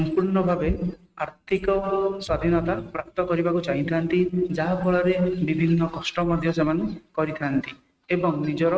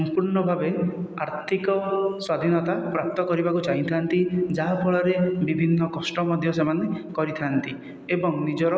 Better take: second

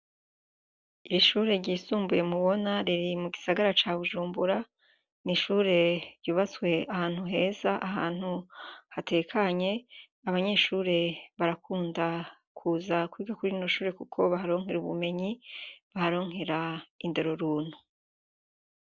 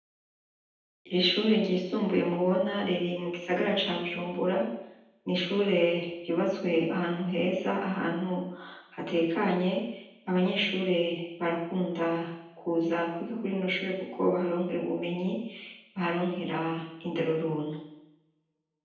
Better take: first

